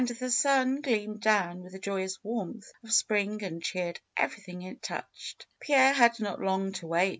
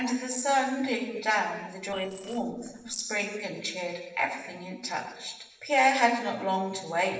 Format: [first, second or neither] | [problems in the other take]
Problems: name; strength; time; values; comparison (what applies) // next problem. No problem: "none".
first | noise reduction (neural separator model SepFormer DNS4)